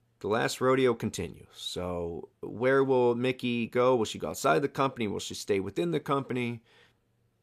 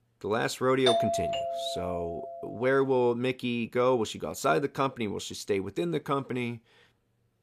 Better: first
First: none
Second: doorbell; loud; from 1 to 2.5 s; peak 3 dB above the speech

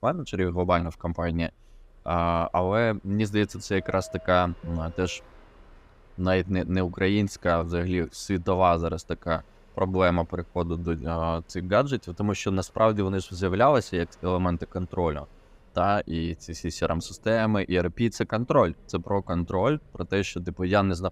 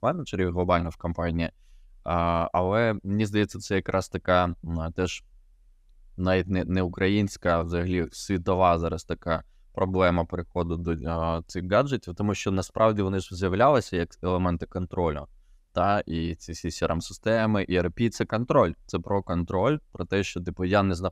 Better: second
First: train or aircraft noise; faint; throughout; 30 dB below the speech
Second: none

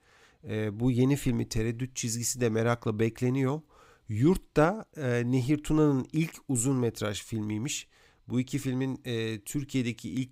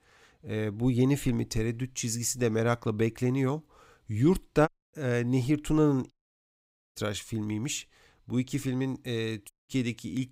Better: first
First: none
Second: audio cutting out; at 4.5 s, at 6 s for 1 s and at 9.5 s

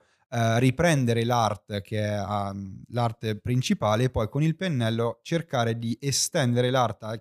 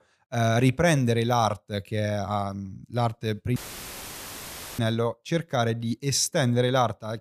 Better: first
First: none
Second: audio cutting out; filled with static; at 3.5 s for 1 s

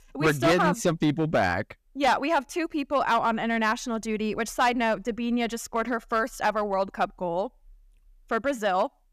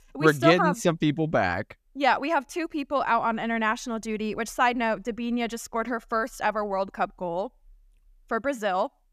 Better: second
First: distortion; slight; 3% of the sound clipped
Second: none

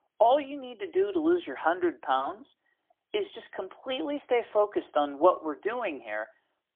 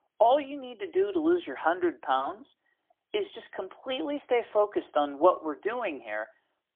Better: neither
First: phone-call audio; poor line; nothing above 3.5 kHz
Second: phone-call audio; poor line; nothing above 3.5 kHz

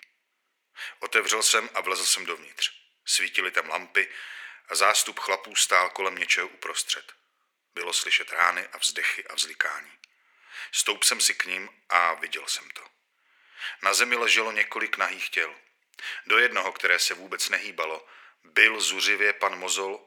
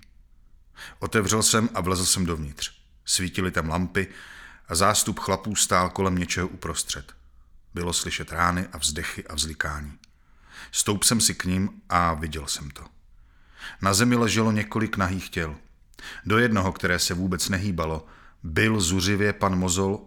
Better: second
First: thin; very; fading below 400 Hz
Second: none

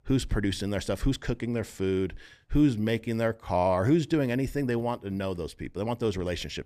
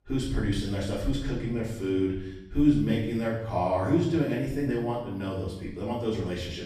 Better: first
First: none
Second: room echo; noticeable; dies away in 0.8 s // off-mic speech; far

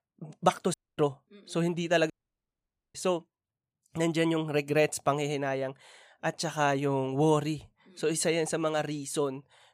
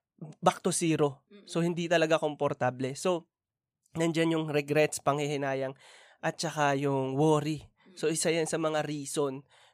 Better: second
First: audio cutting out; at 0.5 s and at 2 s for 1 s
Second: none

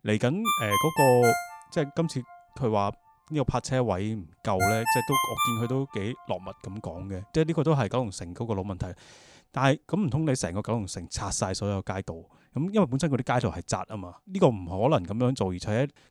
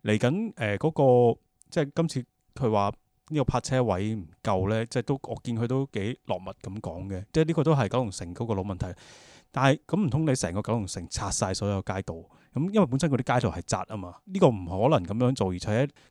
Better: second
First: phone ringing; loud; until 5.5 s; peak 3 dB above the speech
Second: none

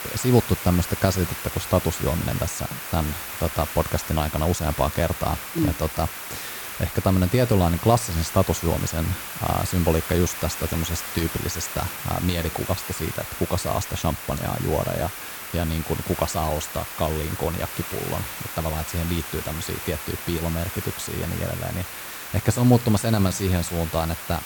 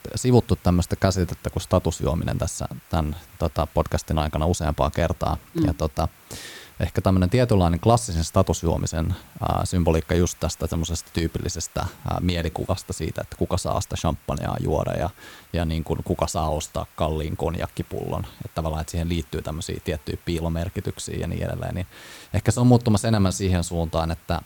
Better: second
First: hiss; loud; throughout; 7 dB below the speech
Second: hiss; faint; throughout; 25 dB below the speech

